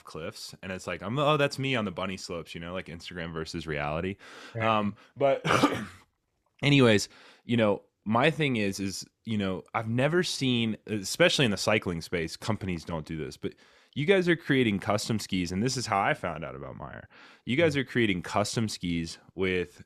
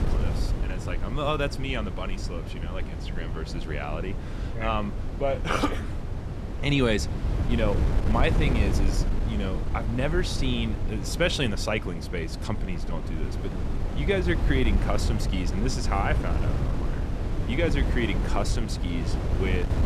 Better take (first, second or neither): first